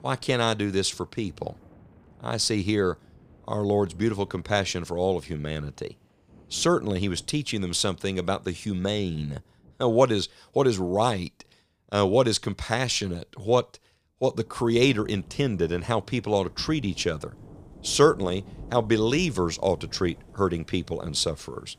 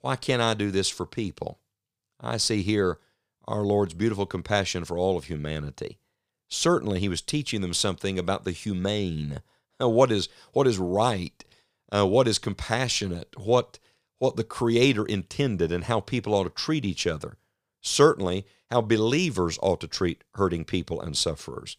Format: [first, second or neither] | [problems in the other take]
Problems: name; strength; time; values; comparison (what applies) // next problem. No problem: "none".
second | rain or running water; faint; throughout; 25 dB below the speech